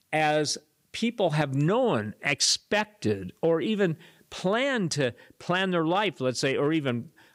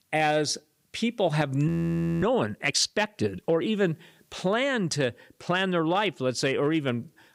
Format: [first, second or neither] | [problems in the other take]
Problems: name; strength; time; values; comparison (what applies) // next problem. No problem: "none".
first | audio freezing; at 1.5 s for 0.5 s